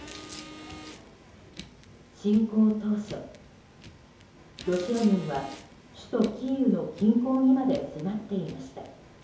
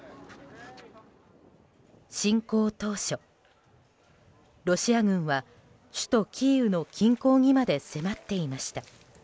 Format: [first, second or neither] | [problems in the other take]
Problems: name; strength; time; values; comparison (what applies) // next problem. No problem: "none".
second | background sound (Car); 18 dB below the speech // room echo; dies away in 2.8 s